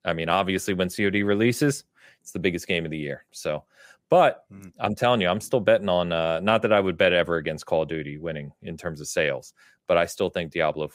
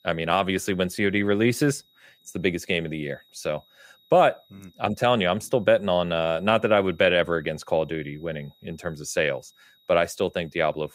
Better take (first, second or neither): first